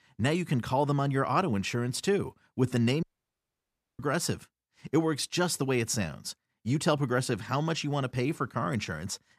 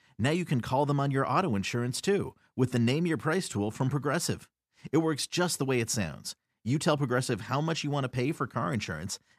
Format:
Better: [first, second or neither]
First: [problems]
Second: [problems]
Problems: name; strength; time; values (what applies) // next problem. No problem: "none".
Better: second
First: audio cutting out; at 3 s for 1 s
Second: none